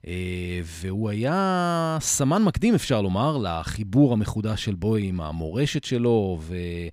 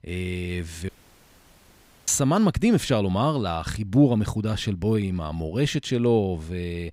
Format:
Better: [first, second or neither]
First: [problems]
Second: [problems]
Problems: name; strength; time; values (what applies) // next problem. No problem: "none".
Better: first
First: none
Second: audio cutting out; at 1 s for 1 s